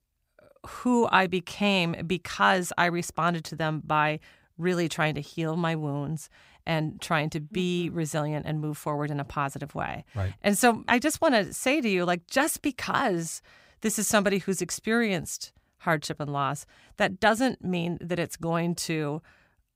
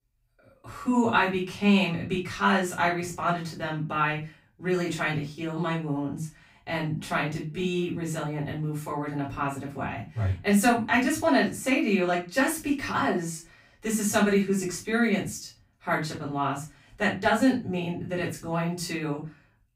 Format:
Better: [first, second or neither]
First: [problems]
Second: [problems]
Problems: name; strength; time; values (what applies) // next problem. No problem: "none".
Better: first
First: none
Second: off-mic speech; far // room echo; slight; dies away in 0.2 s